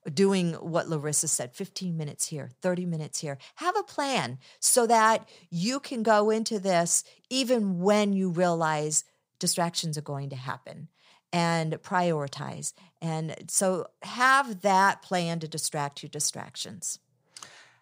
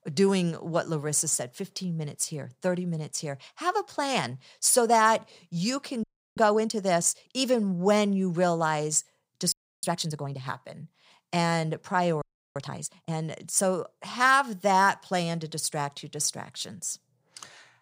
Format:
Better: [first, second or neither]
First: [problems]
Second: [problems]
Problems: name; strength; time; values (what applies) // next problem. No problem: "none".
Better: first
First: none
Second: audio freezing; at 6 s, at 9.5 s and at 12 s